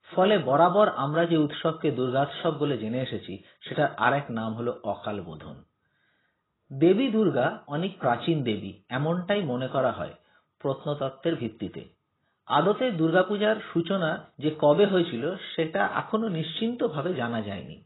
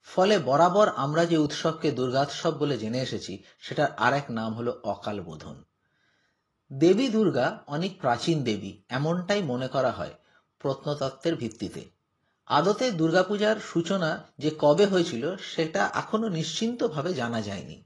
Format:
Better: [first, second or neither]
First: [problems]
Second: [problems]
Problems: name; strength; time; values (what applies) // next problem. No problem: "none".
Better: second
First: garbled, watery; badly; nothing above 4 kHz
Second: garbled, watery; slightly; nothing above 10.5 kHz